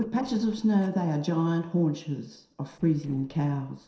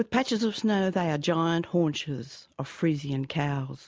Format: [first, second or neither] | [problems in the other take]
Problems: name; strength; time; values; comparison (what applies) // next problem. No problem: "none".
second | noise reduction (neural separator model SepFormer DNS4)